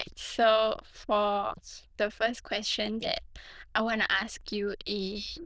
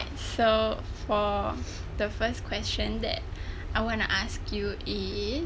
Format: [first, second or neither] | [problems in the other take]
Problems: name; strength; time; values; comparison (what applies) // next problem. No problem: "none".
second | noise reduction (neural diffusion model UNIVERSE++)